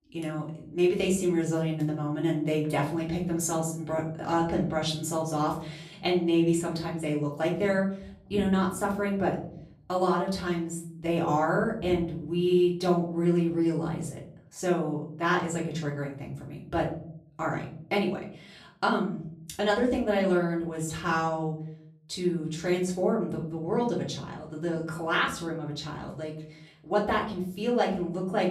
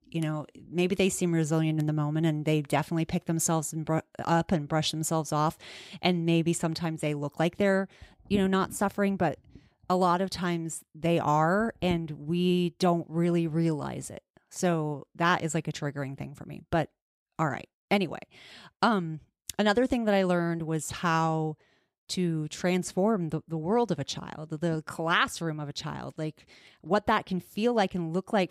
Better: second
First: off-mic speech; far // room echo; slight; dies away in 0.5 s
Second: none

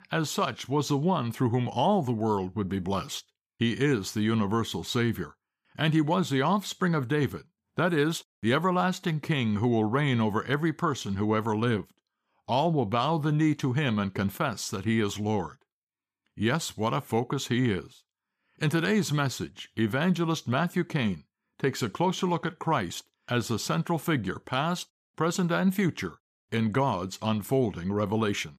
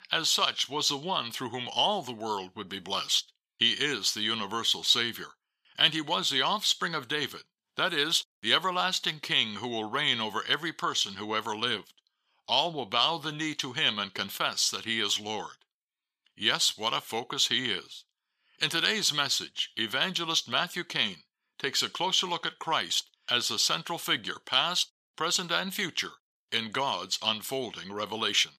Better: first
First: none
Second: thin; somewhat; fading below 1 kHz

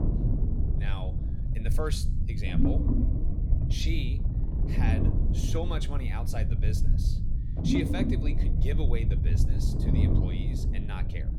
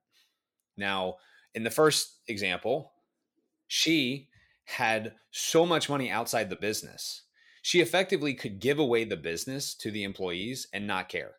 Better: second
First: low rumble; loud; throughout; as loud as the speech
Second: none

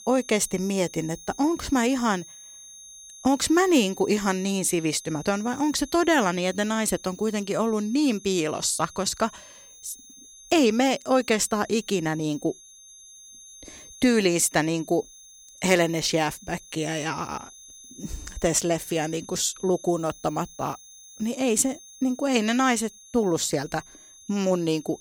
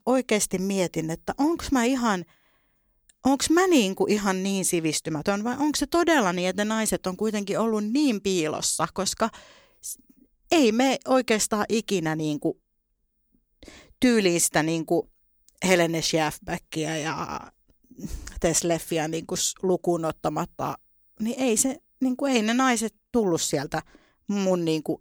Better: second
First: high-pitched whine; noticeable; throughout; 6.5 kHz, 20 dB below the speech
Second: none

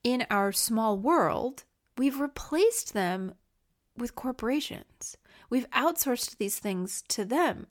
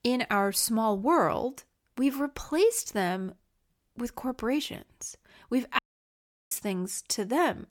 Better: first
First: none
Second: audio cutting out; at 6 s for 0.5 s

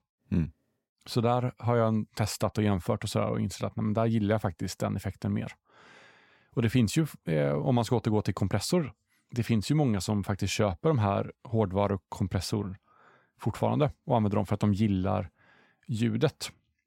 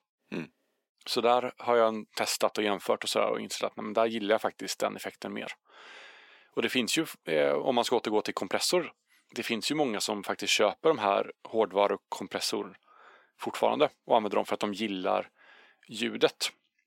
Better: first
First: none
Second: thin; somewhat; fading below 350 Hz

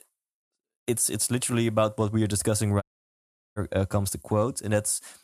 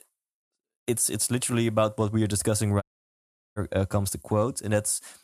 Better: neither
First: audio cutting out; at 3 s for 0.5 s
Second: audio cutting out; at 3 s for 0.5 s

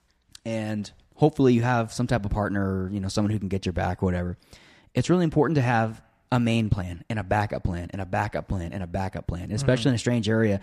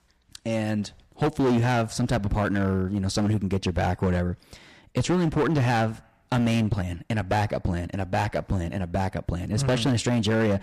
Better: first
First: none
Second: distortion; heavy; 11% of the sound clipped

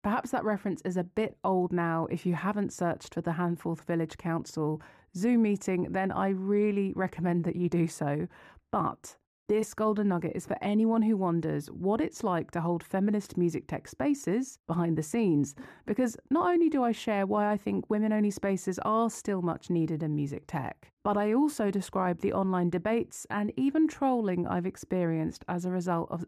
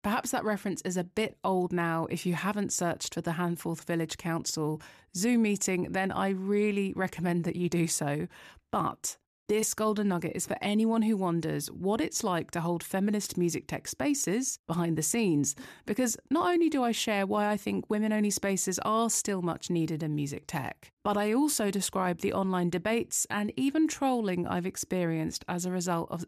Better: second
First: muffled; slightly; fading above 2.5 kHz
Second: none

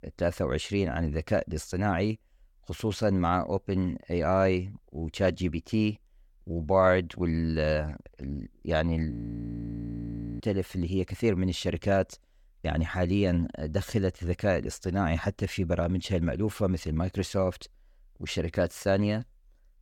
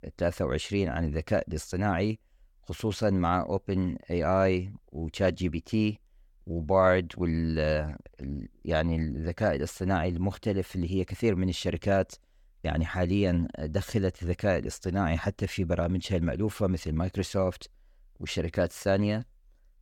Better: second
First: audio freezing; at 9 s for 1.5 s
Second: none

